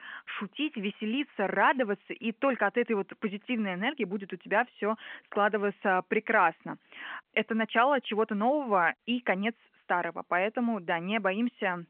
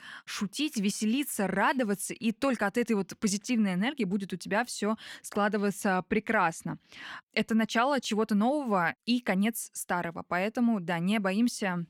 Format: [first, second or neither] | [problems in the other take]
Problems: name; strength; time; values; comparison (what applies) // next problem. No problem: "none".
second | phone-call audio